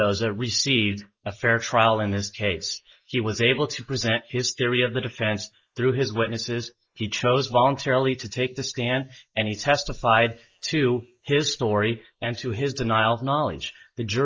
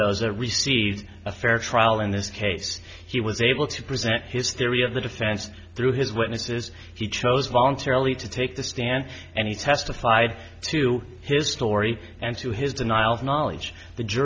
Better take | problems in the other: second | noise reduction (neural mask model Resemble Enhance denoiser)

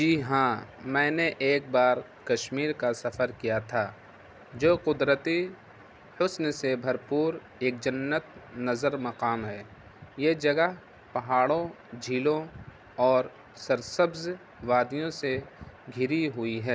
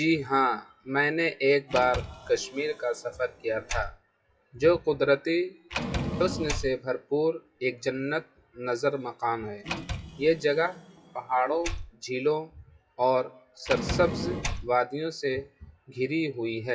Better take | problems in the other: first | noise reduction (classical method WPE with log-MMSE)

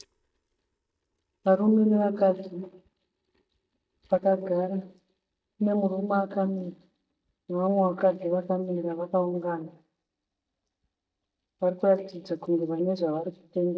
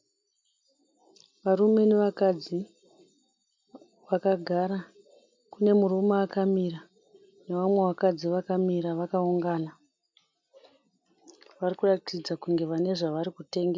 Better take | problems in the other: second | noise reduction (neural mask model DeepFilterNet 3)

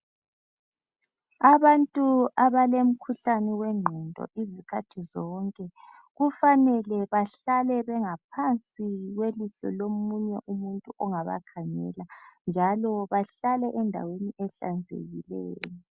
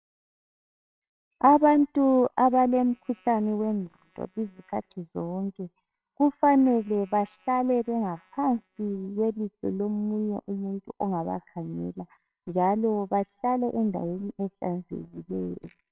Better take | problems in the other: first | noise reduction (neural separator model SepFormer WHAMR!)

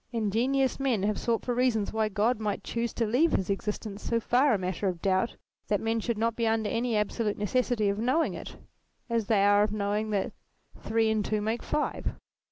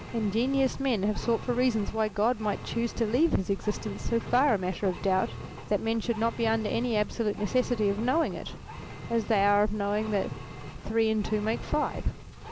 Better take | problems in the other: first | background sound (Engine); 12 dB below the speech

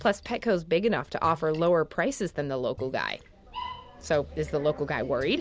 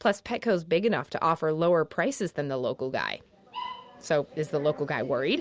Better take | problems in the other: second | background sound (Splash, splatter); 20 dB below the speech

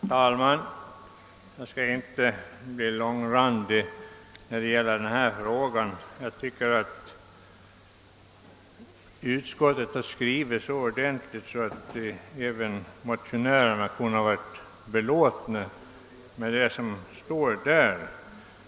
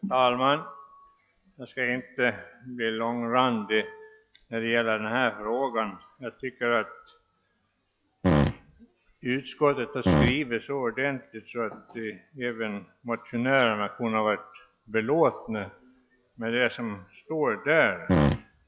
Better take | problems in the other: first | noise reduction (classical method log-MMSE)

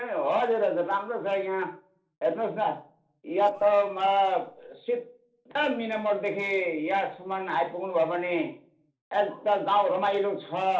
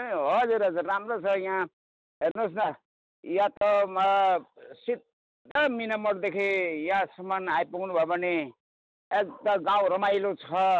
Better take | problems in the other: second | noise reduction (neural separator model SepFormer DNS4)

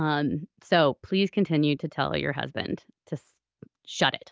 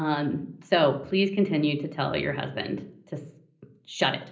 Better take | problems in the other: first | room echo; dies away in 0.5 s

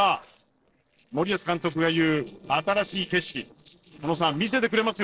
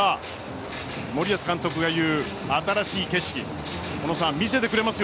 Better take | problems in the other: second | noise reduction (neural separator model SepFormer DNS4)

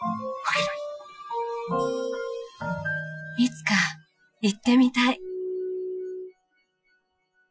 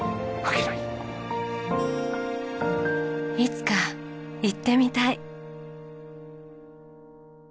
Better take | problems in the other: second | noise reduction (classical method Wiener filter)

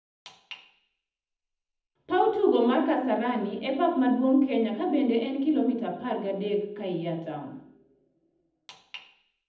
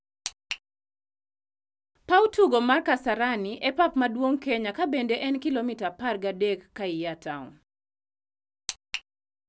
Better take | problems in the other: second | room echo; dies away in 0.8 s

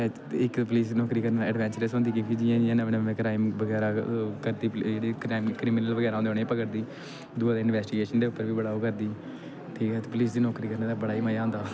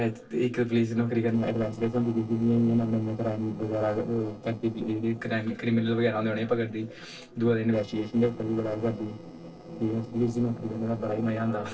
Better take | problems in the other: first | noise reduction (neural separator model SepFormer DNS4)

